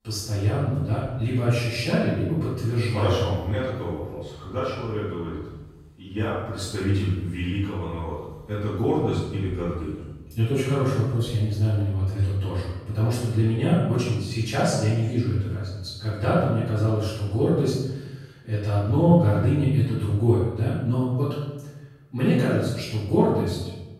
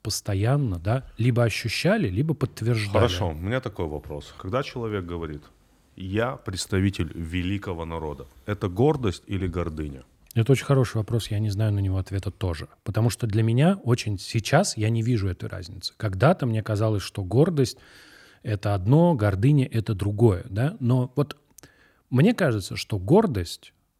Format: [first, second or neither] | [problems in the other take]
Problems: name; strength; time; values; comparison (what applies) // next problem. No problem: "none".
second | off-mic speech; far // room echo; strong; dies away in 0.9 s